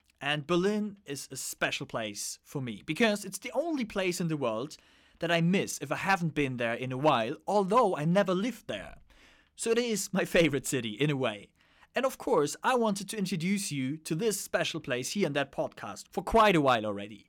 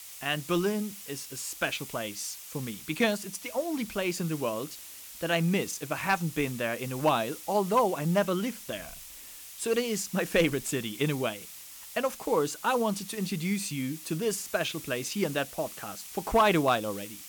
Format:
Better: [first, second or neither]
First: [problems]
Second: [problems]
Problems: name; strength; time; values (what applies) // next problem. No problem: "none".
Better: first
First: none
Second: hiss; noticeable; throughout; 10 dB below the speech